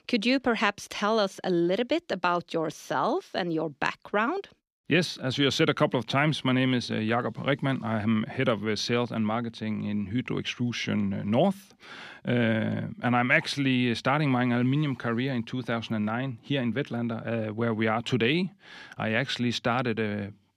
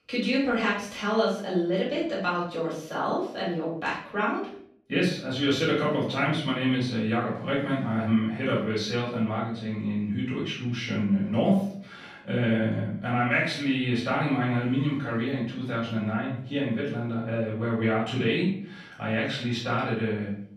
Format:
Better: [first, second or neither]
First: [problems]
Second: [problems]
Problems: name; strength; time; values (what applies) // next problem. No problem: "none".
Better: first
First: none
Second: off-mic speech; far // room echo; noticeable; dies away in 0.5 s